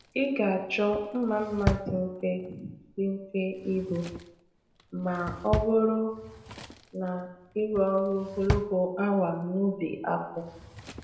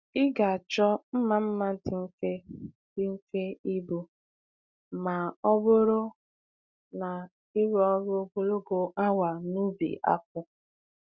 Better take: second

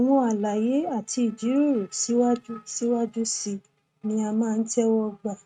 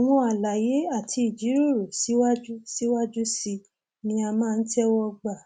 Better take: second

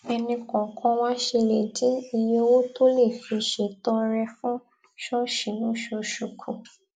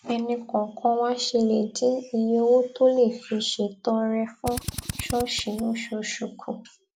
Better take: first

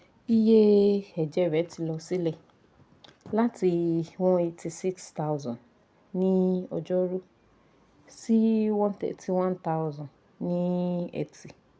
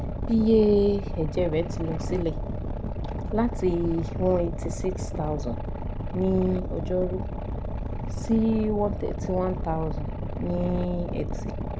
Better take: first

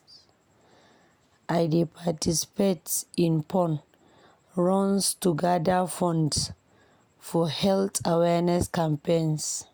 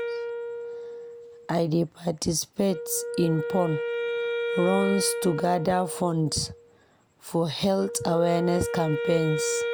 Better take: first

